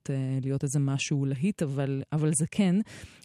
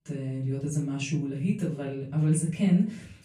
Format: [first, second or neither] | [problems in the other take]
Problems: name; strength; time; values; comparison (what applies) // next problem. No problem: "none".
first | off-mic speech; far // room echo; slight; dies away in 0.3 s